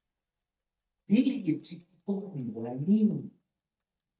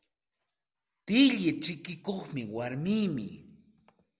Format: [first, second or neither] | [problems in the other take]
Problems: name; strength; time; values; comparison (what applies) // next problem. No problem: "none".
second | noise reduction (neural mask model DeepFilterNet 3)